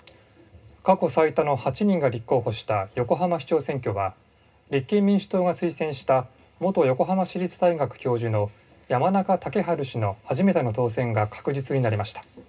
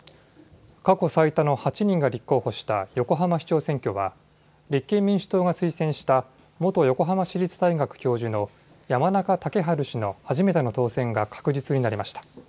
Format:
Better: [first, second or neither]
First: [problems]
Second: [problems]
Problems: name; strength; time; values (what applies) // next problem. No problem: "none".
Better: second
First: room echo; dies away in 0.2 s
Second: none